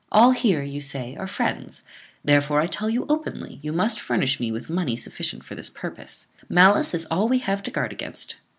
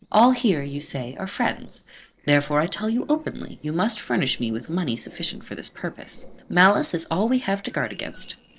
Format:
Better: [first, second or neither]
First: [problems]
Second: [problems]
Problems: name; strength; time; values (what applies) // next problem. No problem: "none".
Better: first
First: none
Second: noise reduction (neural separator model SepFormer DNS4)